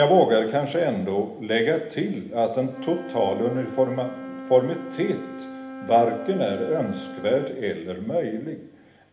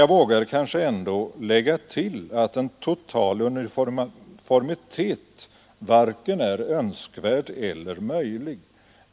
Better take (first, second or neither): second